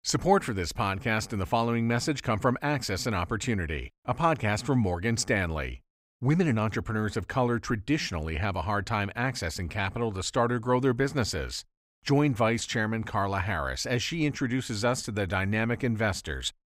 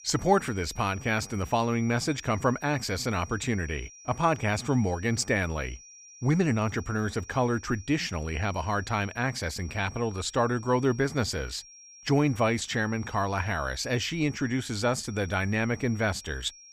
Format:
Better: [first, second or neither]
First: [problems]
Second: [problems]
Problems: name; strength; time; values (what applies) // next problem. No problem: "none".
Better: first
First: none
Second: high-pitched whine; noticeable; throughout; 5.5 kHz, 20 dB below the speech